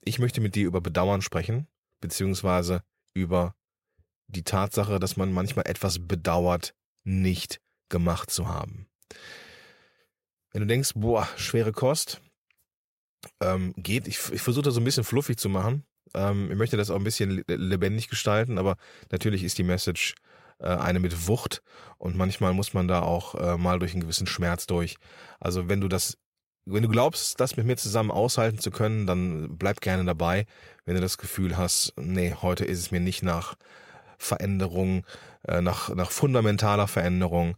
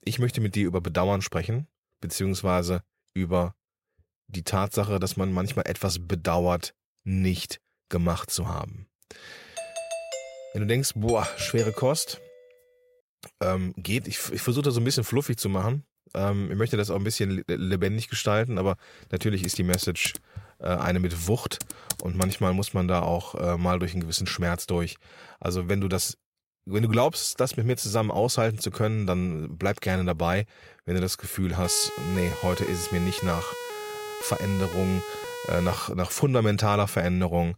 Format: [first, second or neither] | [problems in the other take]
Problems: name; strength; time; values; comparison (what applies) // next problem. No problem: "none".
first | doorbell; noticeable; from 9.5 to 12 s; peak 7 dB below the speech // keyboard typing; noticeable; from 19 to 22 s; peak 4 dB below the speech // siren; noticeable; from 32 to 36 s; peak 8 dB below the speech